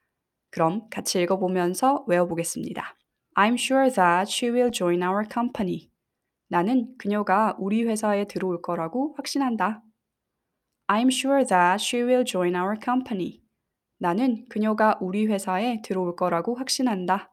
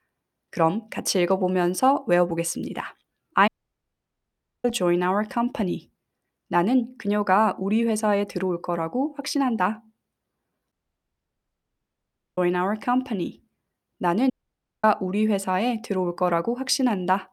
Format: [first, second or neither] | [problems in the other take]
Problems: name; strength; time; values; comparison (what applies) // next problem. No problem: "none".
first | audio cutting out; at 3.5 s for 1 s, at 11 s for 1.5 s and at 14 s for 0.5 s